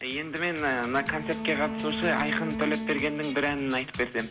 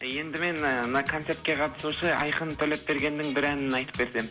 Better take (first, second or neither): second